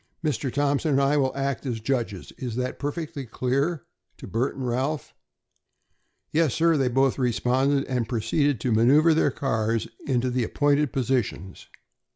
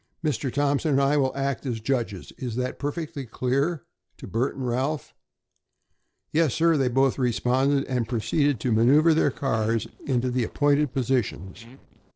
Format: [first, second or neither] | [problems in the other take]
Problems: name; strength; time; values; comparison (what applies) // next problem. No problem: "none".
first | noise reduction (neural separator model SepFormer DNS4)